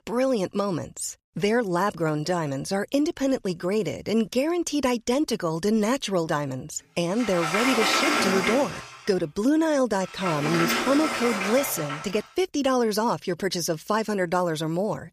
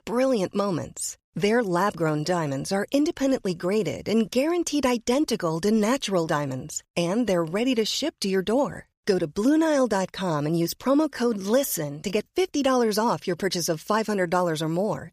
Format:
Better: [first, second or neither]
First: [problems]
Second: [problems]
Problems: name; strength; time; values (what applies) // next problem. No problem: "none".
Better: second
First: door banging; loud; from 7 to 12 s; peak 4 dB above the speech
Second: none